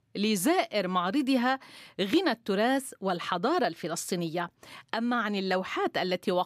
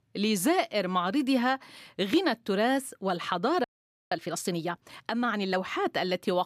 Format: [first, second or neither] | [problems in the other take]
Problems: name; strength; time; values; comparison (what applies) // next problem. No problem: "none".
first | audio freezing; at 3.5 s